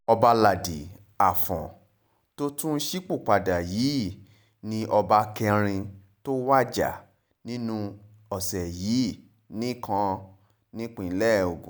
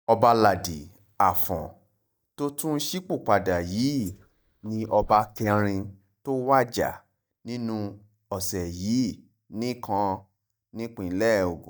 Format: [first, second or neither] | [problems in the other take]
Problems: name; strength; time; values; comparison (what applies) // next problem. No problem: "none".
first | noise reduction (neural mask model DeepFilterNet 3)